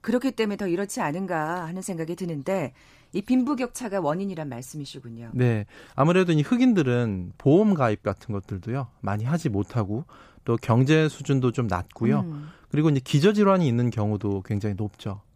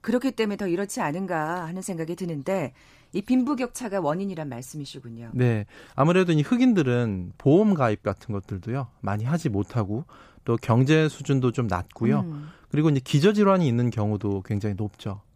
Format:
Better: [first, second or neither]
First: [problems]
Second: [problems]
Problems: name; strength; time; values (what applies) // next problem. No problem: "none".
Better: neither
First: none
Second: none